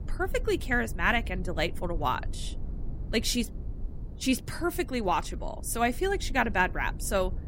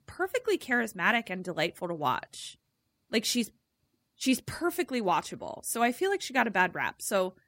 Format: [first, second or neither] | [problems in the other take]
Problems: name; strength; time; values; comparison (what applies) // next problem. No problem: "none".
second | low rumble; faint; throughout; 25 dB below the speech